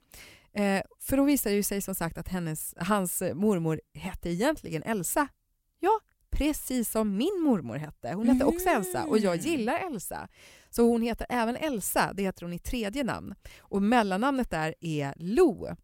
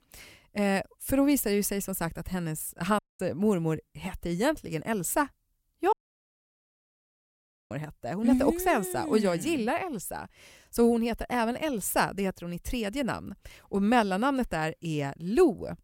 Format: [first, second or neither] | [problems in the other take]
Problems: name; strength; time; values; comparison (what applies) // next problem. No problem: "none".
first | audio cutting out; at 3 s and at 6 s for 2 s